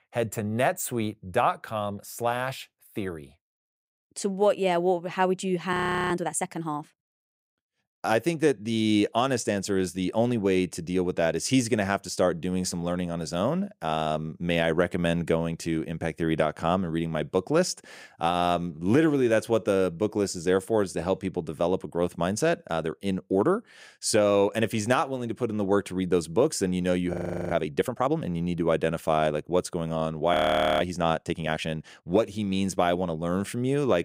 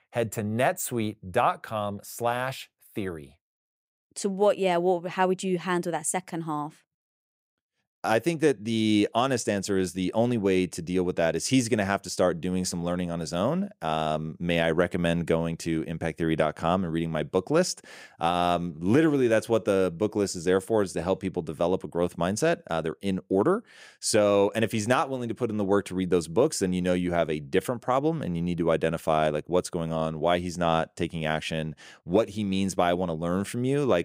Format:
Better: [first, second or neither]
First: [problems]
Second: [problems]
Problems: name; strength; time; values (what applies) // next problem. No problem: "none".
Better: second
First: audio freezing; at 5.5 s, at 27 s and at 30 s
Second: none